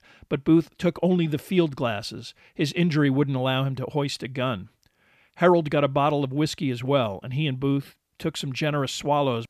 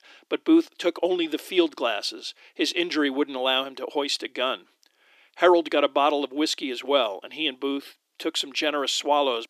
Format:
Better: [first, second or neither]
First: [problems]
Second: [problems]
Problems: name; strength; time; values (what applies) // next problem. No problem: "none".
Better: first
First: none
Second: thin; somewhat; fading below 300 Hz